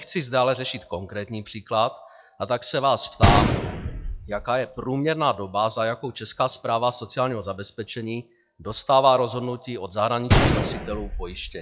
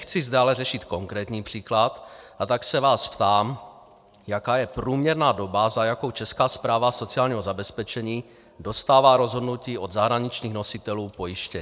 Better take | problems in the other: second | noise reduction (classical method log-MMSE)

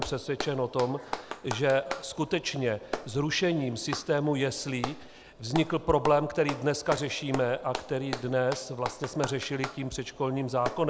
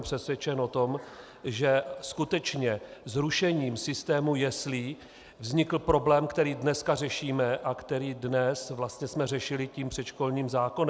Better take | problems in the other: second | background sound (Clapping); 11 dB below the speech

